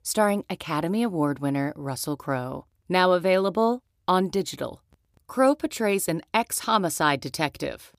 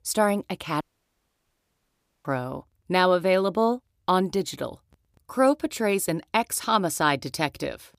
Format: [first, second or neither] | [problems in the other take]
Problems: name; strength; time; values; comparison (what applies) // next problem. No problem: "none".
first | audio cutting out; at 1 s for 1.5 s